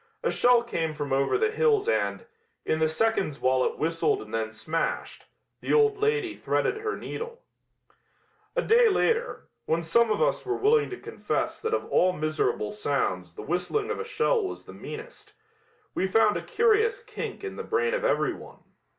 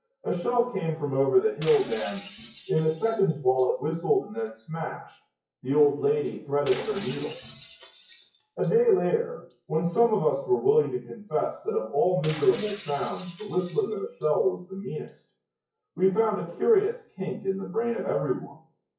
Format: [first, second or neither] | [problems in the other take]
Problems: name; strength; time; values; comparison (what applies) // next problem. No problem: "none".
first | noise reduction (classical method WPE with log-MMSE)